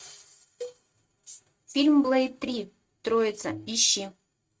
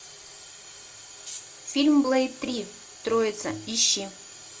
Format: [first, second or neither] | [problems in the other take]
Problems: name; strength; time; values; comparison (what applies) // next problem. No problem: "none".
second | noise reduction (neural mask model RNNoise)